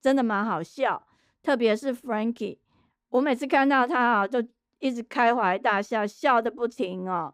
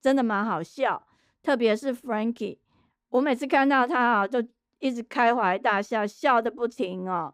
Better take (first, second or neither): neither